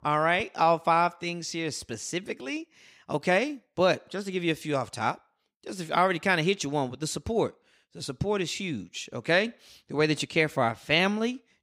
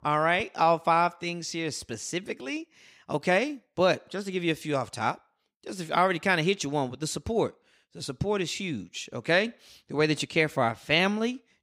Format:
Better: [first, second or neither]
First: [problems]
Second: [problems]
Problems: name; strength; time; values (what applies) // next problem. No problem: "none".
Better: neither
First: none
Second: none